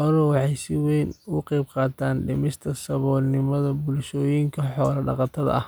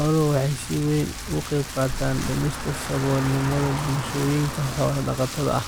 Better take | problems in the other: first | background sound (Rain + Car); 7 dB below the speech

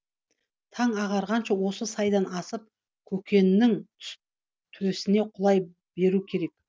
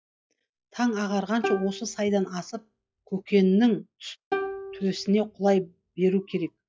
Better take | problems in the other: first | noise reduction (classical method log-MMSE)

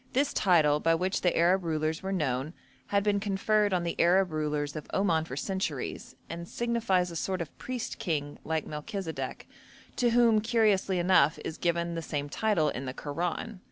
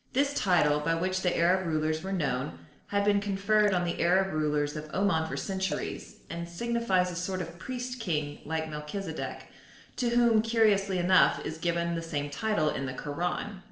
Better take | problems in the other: first | noise reduction (neural separator model SepFormer DNS4)

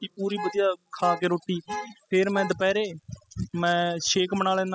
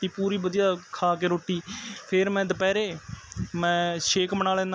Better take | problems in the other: second | noise reduction (classical method spectral subtraction)

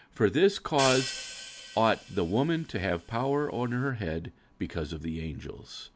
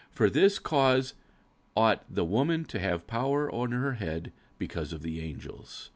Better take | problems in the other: second | background sound (Hi-hat); 11 dB below the speech

